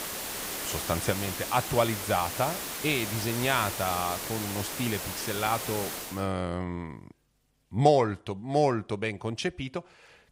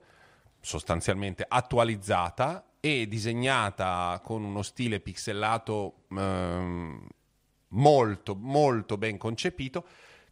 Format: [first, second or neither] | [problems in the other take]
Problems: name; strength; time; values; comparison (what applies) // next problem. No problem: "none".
second | hiss; loud; until 6 s; 4 dB below the speech